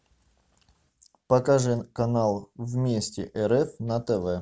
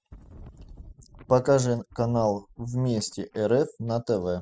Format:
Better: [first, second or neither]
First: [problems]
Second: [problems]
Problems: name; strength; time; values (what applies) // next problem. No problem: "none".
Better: first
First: none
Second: noise reduction (classical method spectral subtraction)